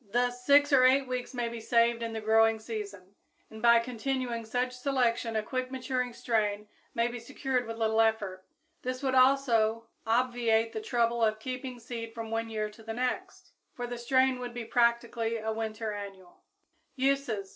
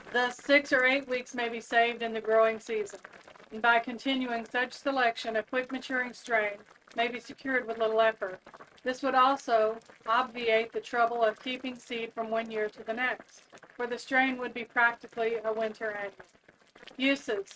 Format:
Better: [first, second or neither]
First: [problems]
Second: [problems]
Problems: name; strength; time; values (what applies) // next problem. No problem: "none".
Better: first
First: none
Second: noise reduction (neural mask model RNNoise)